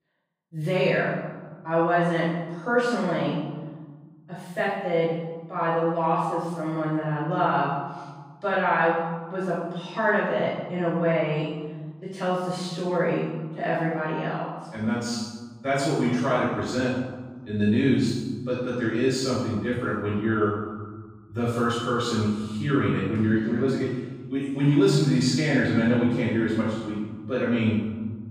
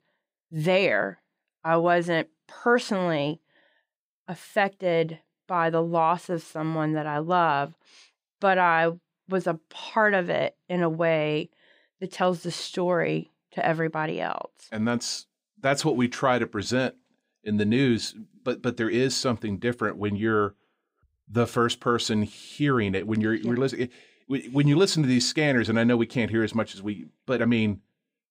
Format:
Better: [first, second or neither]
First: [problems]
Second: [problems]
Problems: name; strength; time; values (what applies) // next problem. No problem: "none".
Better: second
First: room echo; strong; dies away in 1.5 s // off-mic speech; far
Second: none